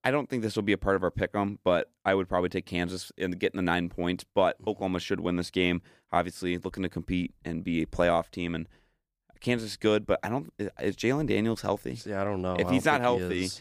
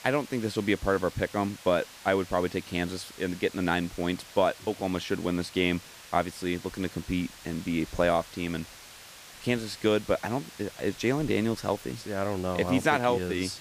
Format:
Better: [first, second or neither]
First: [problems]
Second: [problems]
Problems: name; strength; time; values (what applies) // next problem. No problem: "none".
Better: first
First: none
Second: hiss; noticeable; throughout; 15 dB below the speech